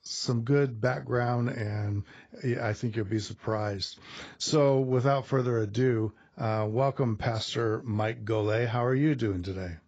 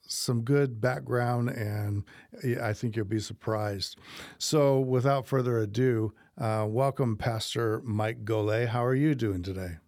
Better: second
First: garbled, watery; badly; nothing above 7.5 kHz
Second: none

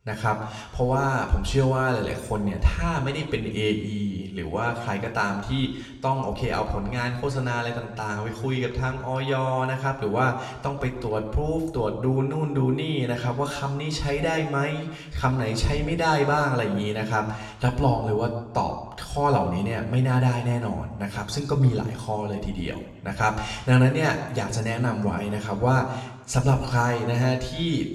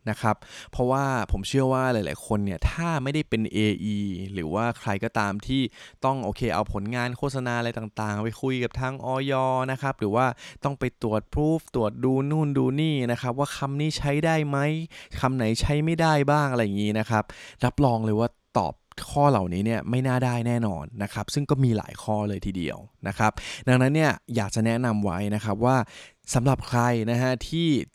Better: second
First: room echo; slight; dies away in 1 s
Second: none

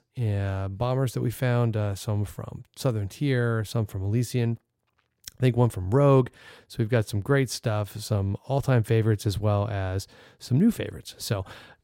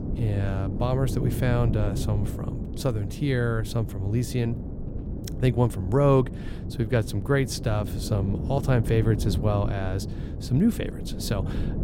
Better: first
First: none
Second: wind noise on the microphone; occasional gusts; 10 dB below the speech

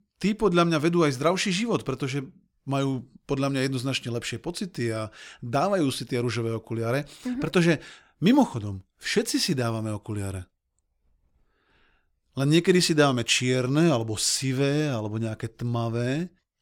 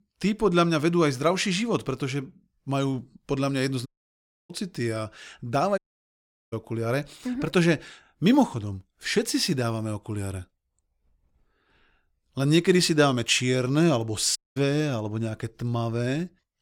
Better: first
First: none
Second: audio cutting out; at 4 s for 0.5 s, at 6 s for 0.5 s and at 14 s

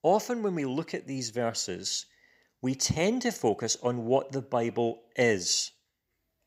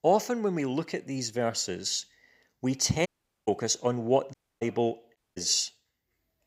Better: first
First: none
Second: audio cutting out; at 3 s, at 4.5 s and at 5 s

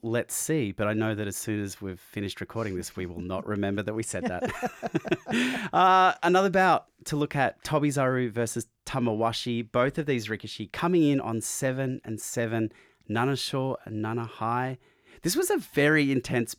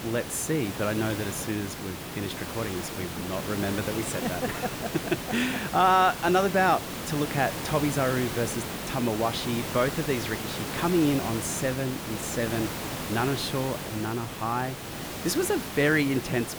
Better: first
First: none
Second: hiss; loud; throughout; 6 dB below the speech

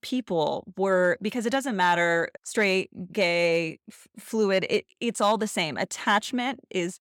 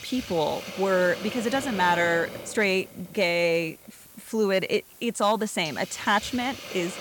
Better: first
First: none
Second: hiss; noticeable; throughout; 15 dB below the speech

